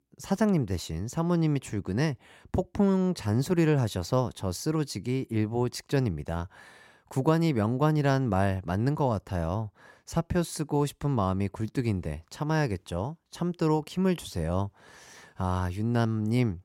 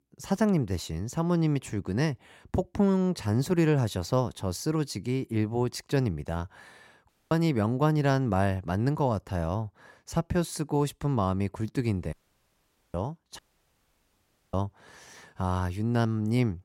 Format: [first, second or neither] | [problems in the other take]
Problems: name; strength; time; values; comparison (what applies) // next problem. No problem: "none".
first | audio cutting out; at 7 s, at 12 s for 1 s and at 13 s for 1 s